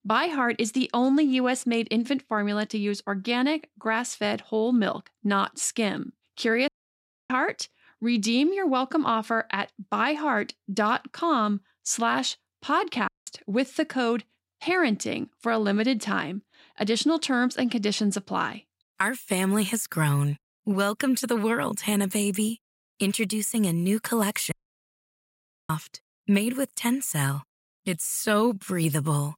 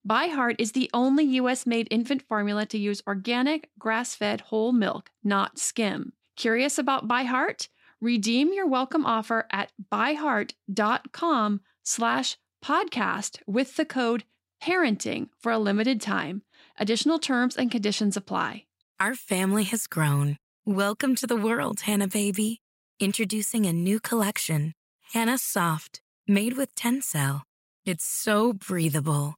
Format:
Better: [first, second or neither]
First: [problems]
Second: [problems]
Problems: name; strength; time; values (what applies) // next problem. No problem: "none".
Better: second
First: audio cutting out; at 6.5 s for 0.5 s, at 13 s and at 25 s for 1 s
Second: none